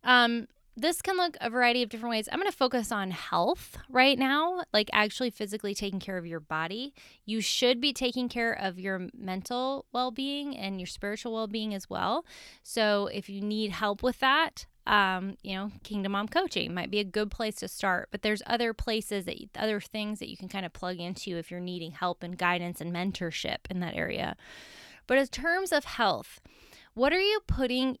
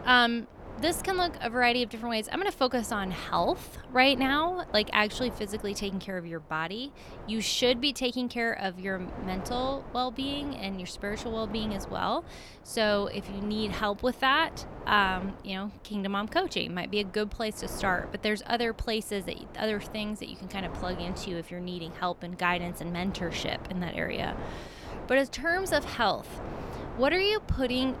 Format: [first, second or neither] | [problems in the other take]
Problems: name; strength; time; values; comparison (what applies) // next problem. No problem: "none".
first | wind noise on the microphone; occasional gusts; 15 dB below the speech